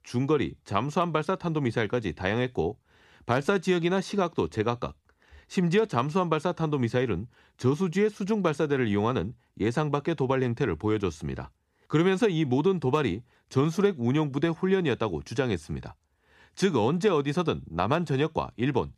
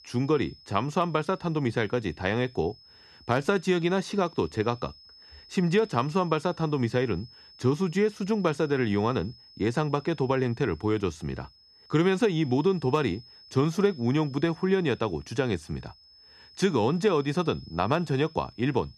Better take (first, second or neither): first